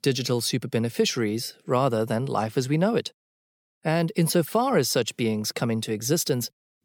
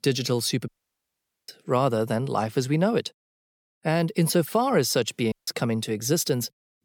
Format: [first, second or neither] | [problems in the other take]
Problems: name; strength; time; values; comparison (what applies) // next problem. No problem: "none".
first | audio cutting out; at 0.5 s for 1 s and at 5.5 s